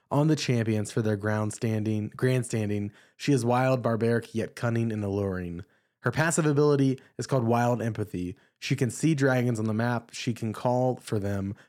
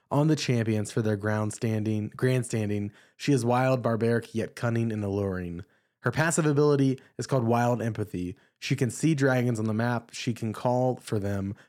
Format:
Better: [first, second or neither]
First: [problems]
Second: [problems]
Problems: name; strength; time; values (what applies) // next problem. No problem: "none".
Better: neither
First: none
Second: none